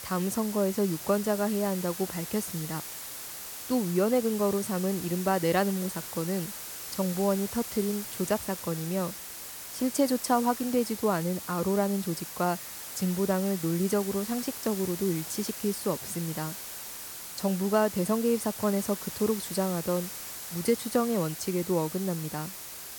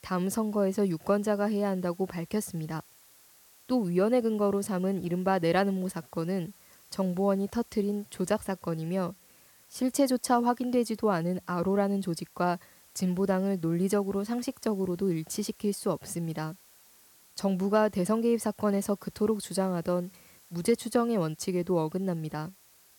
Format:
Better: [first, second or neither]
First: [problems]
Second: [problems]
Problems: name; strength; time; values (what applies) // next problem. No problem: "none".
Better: second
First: hiss; loud; throughout; 8 dB below the speech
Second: hiss; faint; throughout; 25 dB below the speech